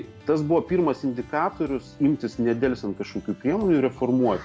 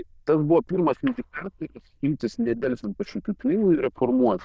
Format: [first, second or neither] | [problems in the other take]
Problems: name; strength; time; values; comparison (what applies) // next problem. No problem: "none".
first | noise reduction (neural diffusion model UNIVERSE++)